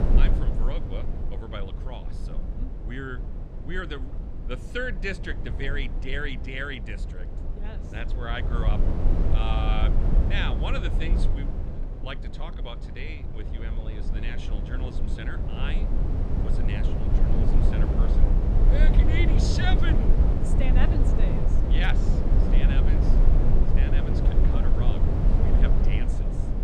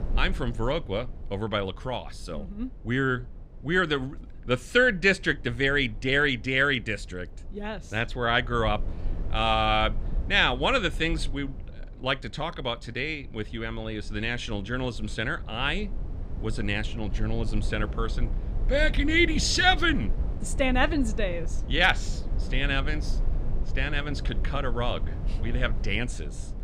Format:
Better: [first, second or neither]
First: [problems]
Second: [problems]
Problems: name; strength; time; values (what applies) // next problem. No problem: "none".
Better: second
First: low rumble; loud; throughout; 2 dB below the speech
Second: low rumble; faint; throughout; 20 dB below the speech